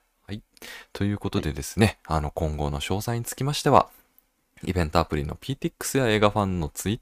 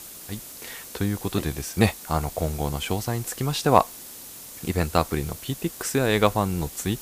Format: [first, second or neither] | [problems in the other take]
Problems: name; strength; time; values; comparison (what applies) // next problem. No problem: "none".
first | hiss; noticeable; throughout; 15 dB below the speech